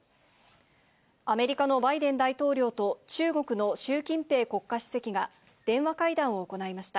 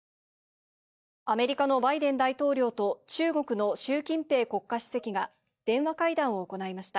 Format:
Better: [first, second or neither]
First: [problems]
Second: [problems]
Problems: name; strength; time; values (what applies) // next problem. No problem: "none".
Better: first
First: none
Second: noise reduction (neural mask model DeepFilterNet 3)